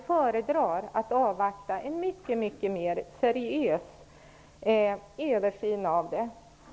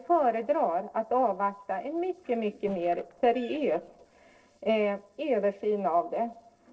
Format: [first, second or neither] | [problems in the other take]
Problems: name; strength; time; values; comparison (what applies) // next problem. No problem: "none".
first | noise reduction (neural separator model SepFormer DNS4)